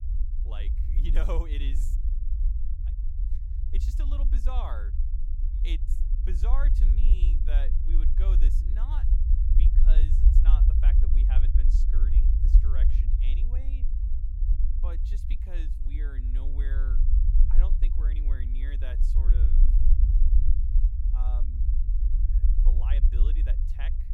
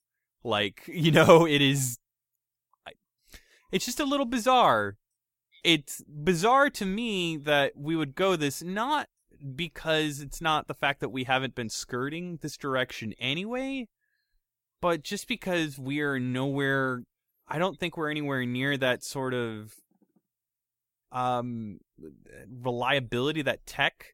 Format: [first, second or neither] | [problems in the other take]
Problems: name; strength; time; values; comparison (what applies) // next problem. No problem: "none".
second | low rumble; loud; throughout; 3 dB below the speech